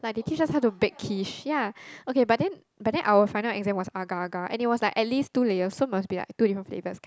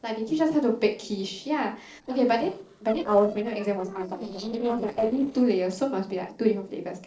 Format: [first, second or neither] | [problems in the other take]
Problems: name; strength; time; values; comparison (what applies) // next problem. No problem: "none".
first | noise reduction (neural separator model SepFormer DNS4)